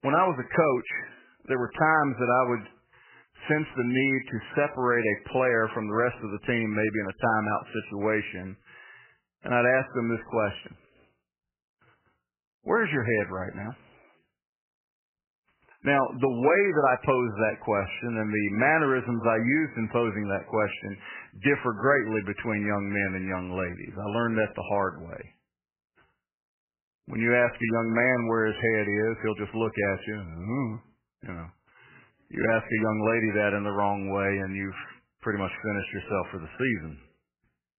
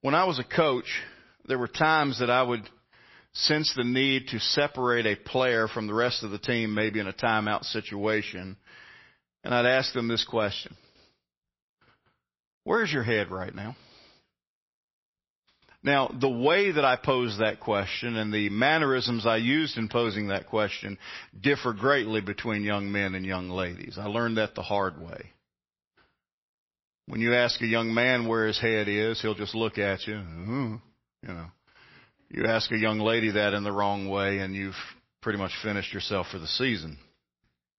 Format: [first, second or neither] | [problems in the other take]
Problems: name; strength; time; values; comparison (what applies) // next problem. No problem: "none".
second | garbled, watery; badly; nothing above 2.5 kHz; slightly in the second